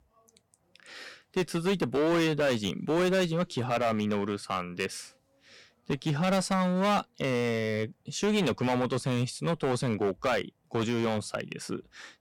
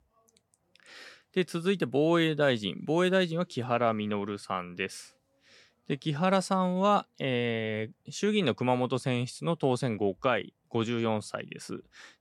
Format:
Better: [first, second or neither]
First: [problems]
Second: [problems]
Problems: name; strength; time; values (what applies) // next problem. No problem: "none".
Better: second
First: distortion; heavy; 11% of the sound clipped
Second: none